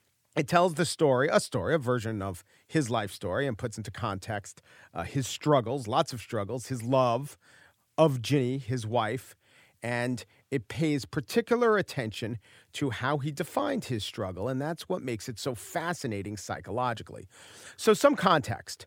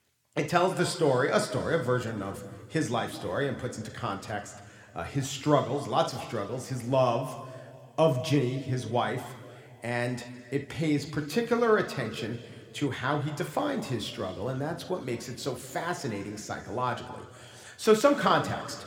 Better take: first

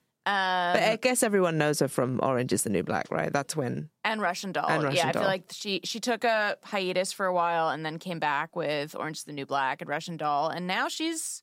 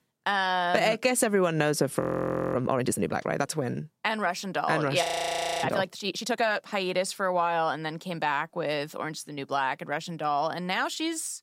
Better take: first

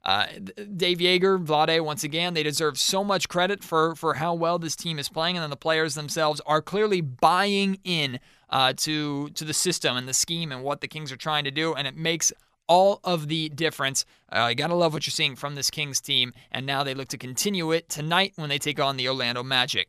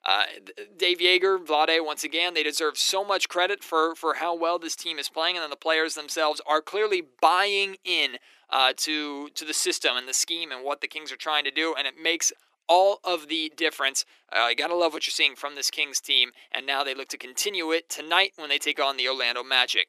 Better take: first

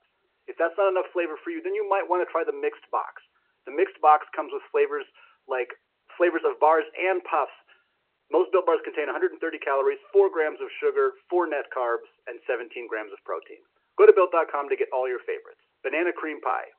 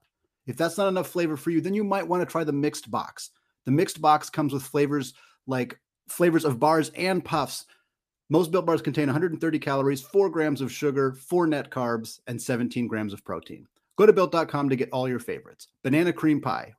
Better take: second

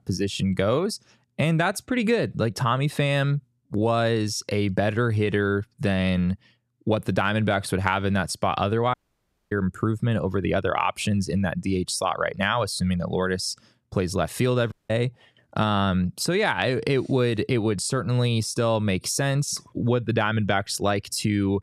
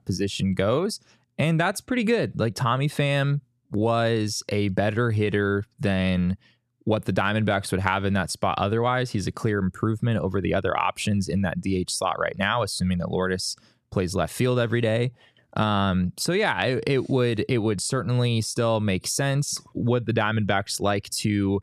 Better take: second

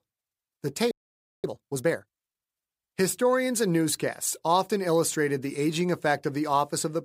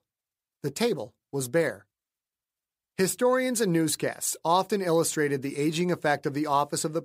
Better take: second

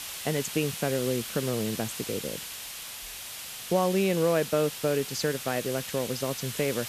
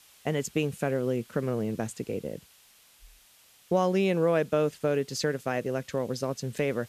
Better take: second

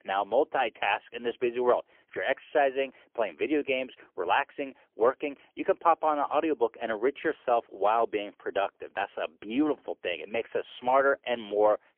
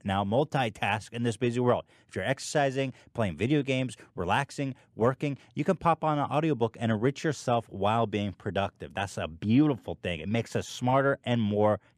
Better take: second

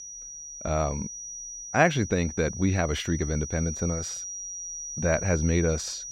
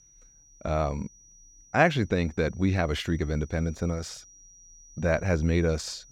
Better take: second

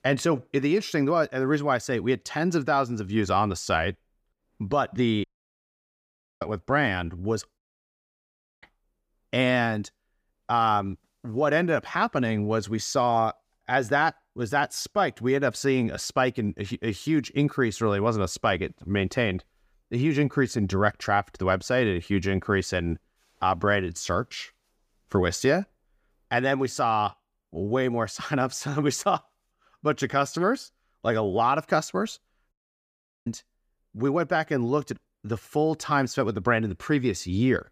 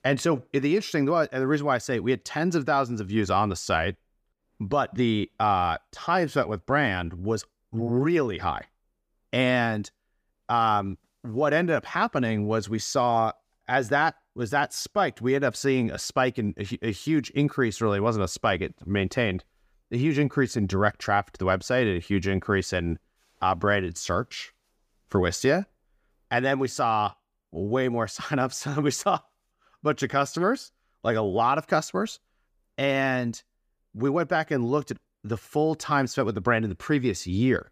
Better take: second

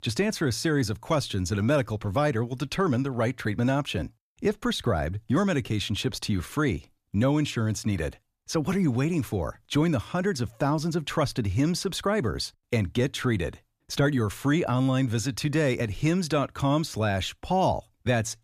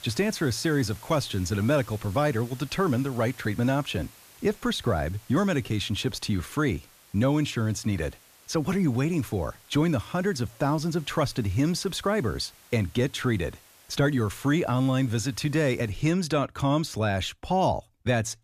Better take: first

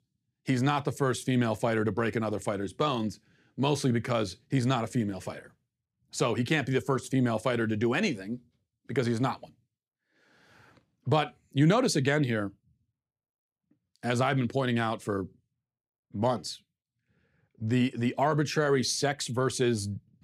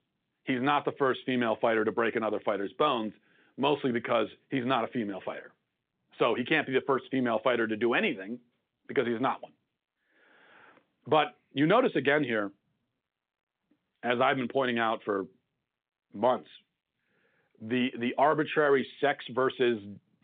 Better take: first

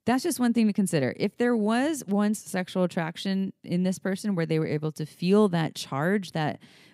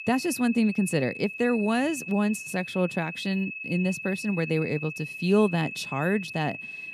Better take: first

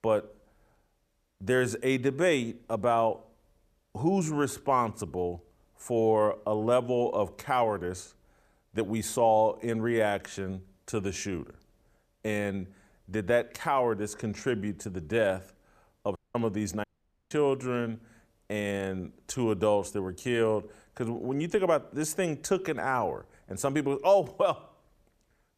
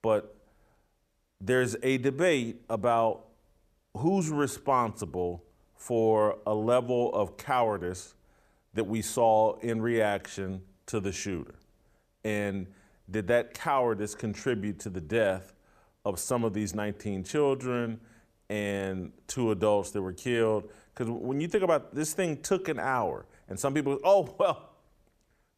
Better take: second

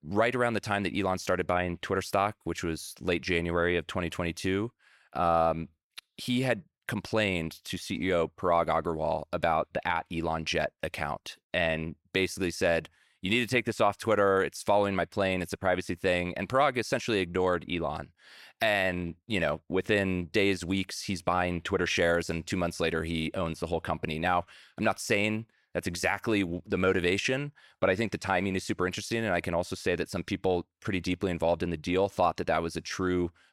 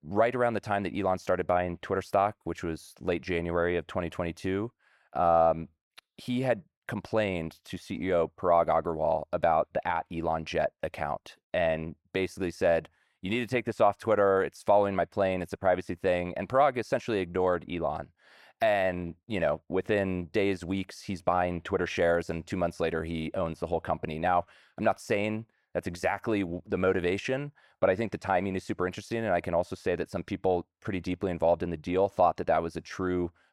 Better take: first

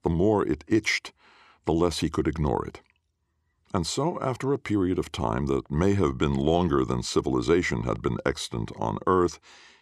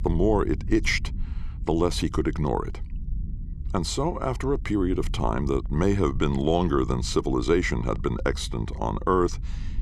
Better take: first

